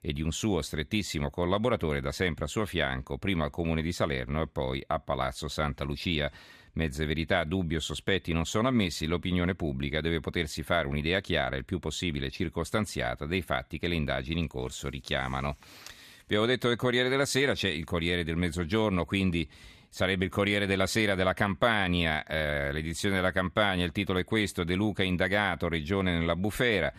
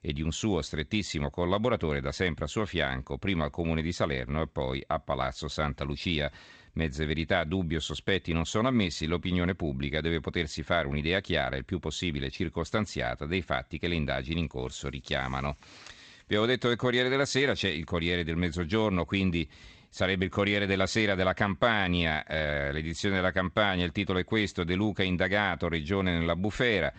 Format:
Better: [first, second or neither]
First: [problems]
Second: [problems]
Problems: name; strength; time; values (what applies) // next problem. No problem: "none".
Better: first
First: none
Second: garbled, watery; slightly; nothing above 8 kHz